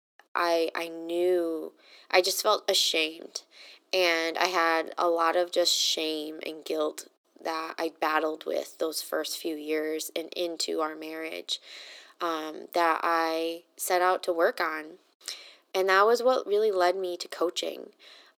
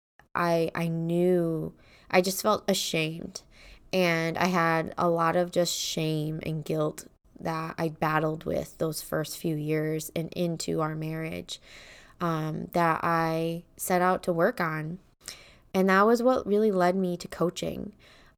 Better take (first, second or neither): second